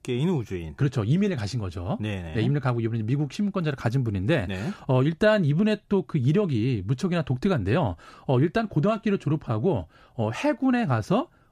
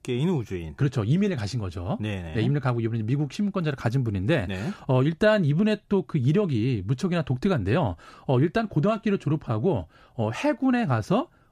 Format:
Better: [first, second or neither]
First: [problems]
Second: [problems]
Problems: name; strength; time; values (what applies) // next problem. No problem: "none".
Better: neither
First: none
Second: none